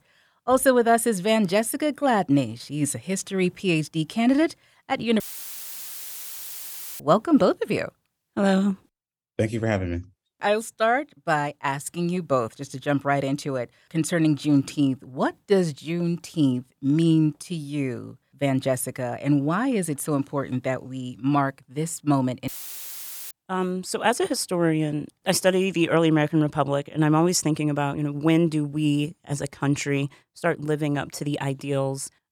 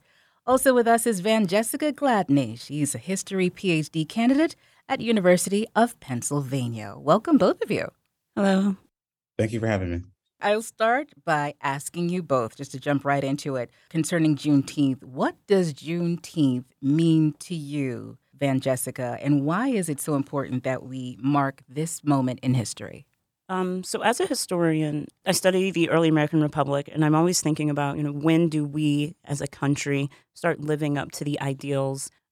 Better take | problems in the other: second | audio cutting out; filled with static; at 5 s for 2 s and at 22 s for 1 s

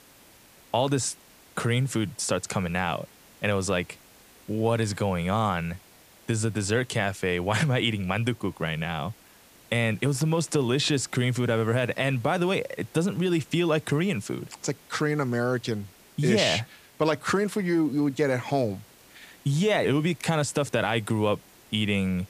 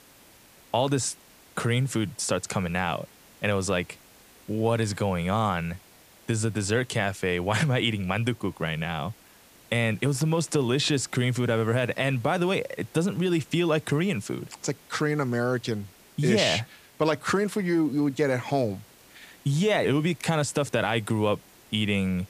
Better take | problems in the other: neither | hiss; faint; throughout; 25 dB below the speech; the same in both

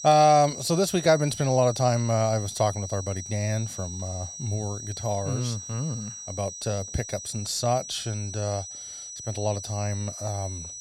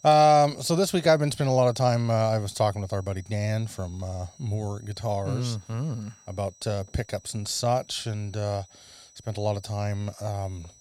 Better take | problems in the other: second | high-pitched whine; loud; throughout; 6 kHz, 10 dB below the speech; faint in the second

